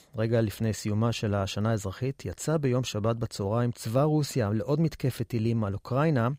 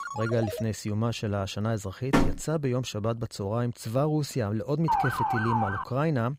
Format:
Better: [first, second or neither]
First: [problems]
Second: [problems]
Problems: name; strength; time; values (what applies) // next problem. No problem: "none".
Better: first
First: none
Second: phone ringing; noticeable; at the start; peak 6 dB below the speech // door banging; loud; at 2 s; peak 4 dB above the speech // siren; loud; at 5 s; peak 3 dB above the speech